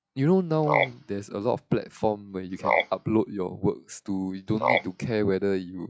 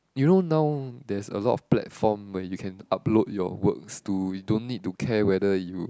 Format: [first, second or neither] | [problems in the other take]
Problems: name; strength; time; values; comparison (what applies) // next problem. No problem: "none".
second | noise reduction (classical method log-MMSE)